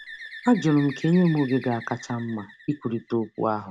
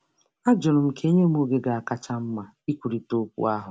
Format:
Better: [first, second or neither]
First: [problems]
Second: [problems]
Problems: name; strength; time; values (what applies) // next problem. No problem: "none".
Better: second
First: background sound (Bird); 17 dB below the speech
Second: none